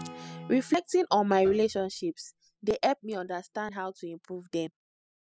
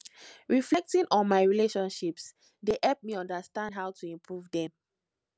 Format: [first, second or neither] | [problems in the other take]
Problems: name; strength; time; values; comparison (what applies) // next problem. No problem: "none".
second | noise reduction (classical method spectral subtraction)